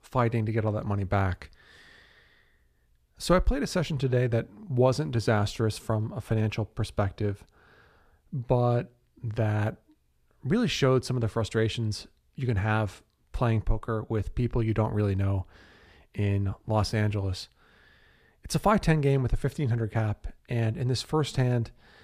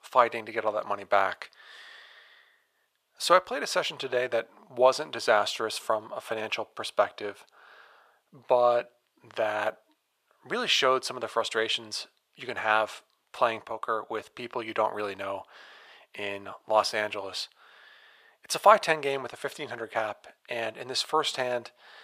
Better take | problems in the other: first | thin; very; fading below 650 Hz

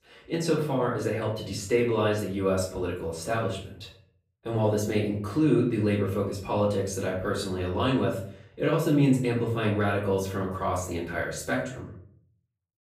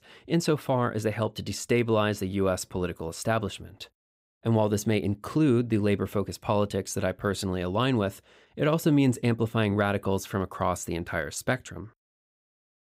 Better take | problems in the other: second | off-mic speech; far // room echo; slight; dies away in 0.5 s

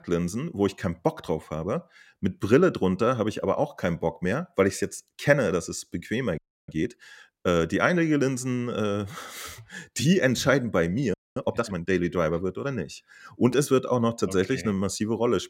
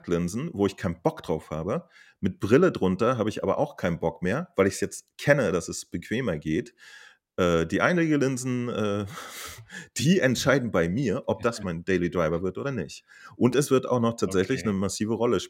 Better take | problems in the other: second | audio freezing; at 6.5 s and at 11 s

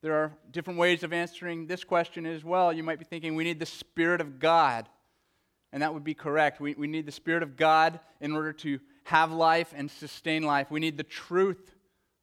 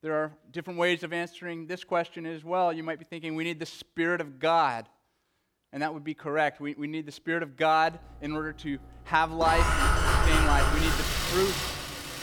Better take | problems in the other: first | traffic noise; very loud; from 8 s on; 3 dB above the speech

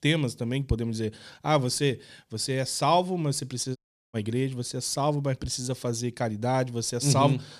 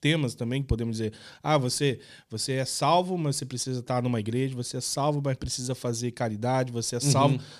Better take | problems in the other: second | audio cutting out; at 4 s

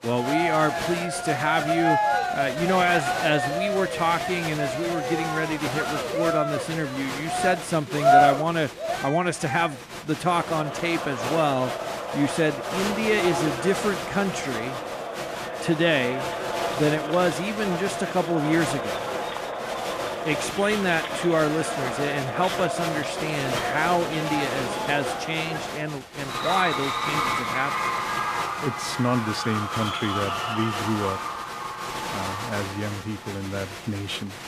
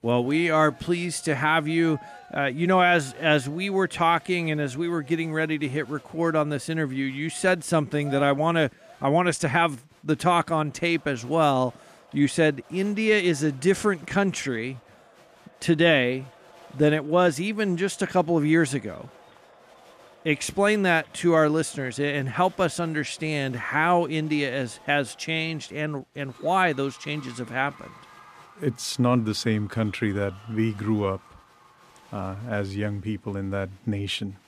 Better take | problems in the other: second | crowd noise; loud; throughout; 1 dB below the speech; faint in the second

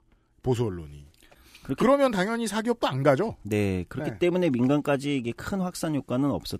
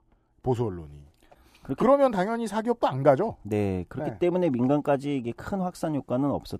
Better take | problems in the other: first | muffled; slightly; fading above 1.5 kHz

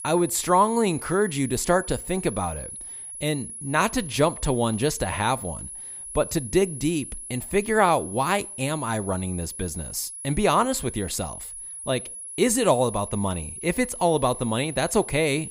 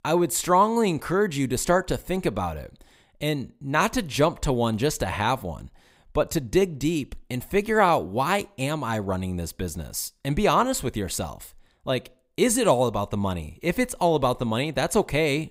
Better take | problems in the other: second | high-pitched whine; noticeable; throughout; 10.5 kHz, 10 dB below the speech

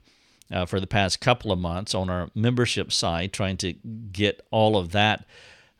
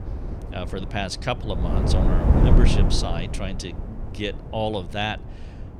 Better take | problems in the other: first | wind noise on the microphone; heavy; 3 dB below the speech

